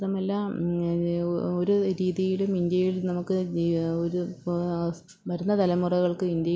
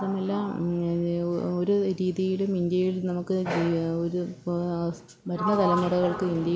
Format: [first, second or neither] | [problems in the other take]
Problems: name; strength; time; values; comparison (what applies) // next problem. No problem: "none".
first | background sound (Sliding door); 10 dB below the speech